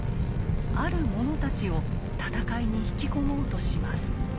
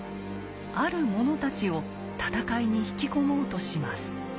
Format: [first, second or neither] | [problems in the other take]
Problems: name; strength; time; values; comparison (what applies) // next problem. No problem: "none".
second | background sound (Fire); 4 dB above the speech